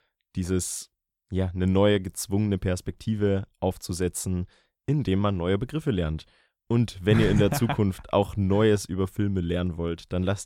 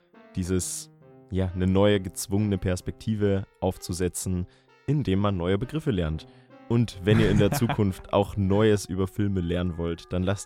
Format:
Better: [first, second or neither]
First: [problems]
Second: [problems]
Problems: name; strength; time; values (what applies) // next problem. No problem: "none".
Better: first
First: none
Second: background music; faint; throughout; 30 dB below the speech